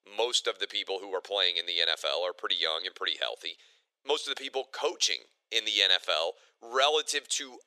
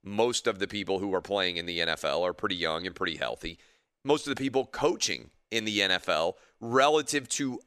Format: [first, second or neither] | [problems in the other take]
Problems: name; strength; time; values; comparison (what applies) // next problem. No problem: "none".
second | thin; very; fading below 450 Hz